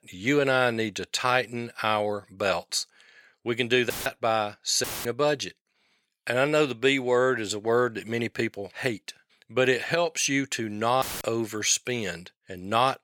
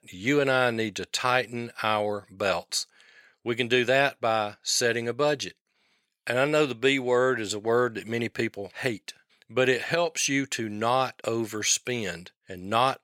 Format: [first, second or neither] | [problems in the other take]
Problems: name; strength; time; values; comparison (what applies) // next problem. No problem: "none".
second | audio cutting out; filled with static; at 4 s, at 5 s and at 11 s